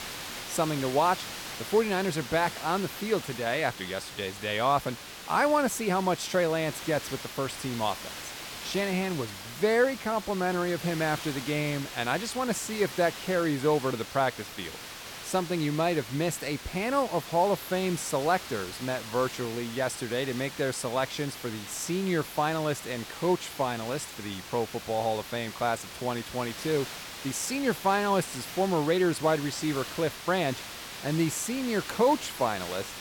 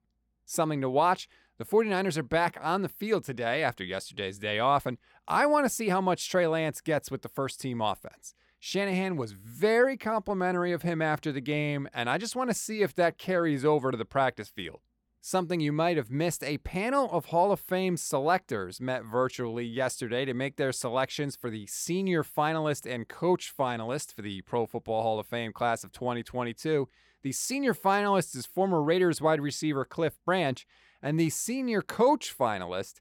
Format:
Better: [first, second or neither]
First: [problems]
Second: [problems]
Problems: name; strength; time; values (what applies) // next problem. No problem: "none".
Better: second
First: hiss; loud; throughout; 10 dB below the speech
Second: none